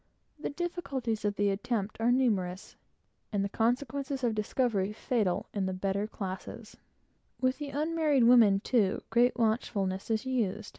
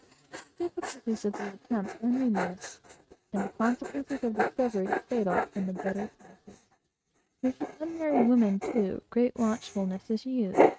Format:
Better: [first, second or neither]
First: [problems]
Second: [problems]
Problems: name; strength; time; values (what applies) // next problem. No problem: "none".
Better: first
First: none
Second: noise reduction (neural mask model RNNoise)